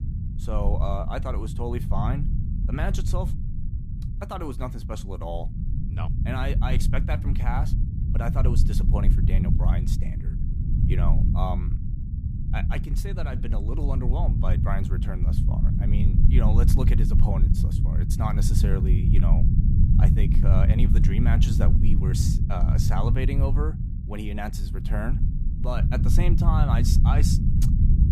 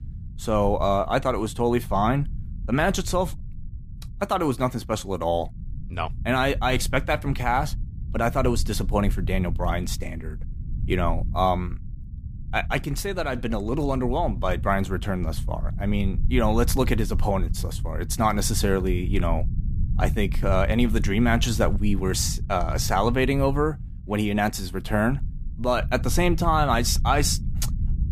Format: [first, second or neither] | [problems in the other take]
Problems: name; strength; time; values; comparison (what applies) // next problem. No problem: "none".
second | low rumble; loud; throughout; 3 dB below the speech; faint in the second